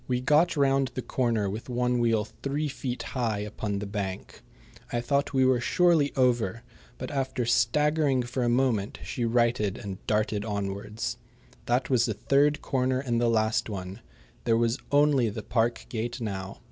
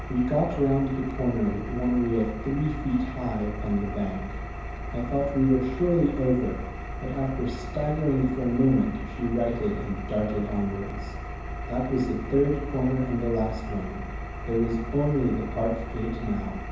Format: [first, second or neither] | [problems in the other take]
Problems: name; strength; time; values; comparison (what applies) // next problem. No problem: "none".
first | background sound (Engine); 7 dB below the speech // room echo; dies away in 0.9 s